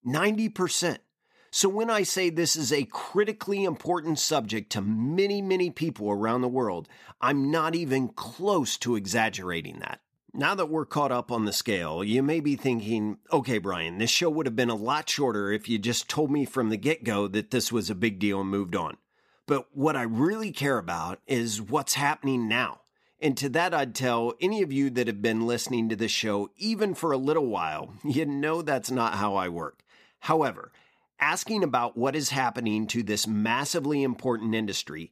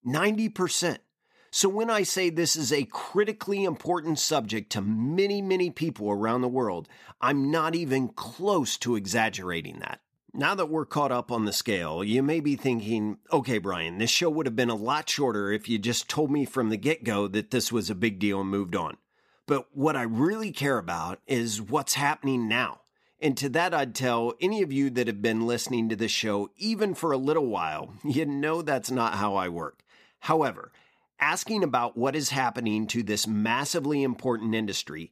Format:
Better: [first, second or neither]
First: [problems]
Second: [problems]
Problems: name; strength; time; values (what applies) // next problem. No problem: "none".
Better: neither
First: none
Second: none